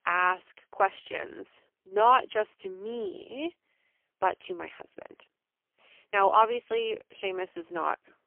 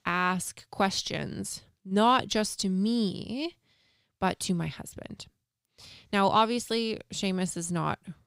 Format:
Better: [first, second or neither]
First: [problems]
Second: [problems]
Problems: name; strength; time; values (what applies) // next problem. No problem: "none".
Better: second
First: phone-call audio; poor line; nothing above 3 kHz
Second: none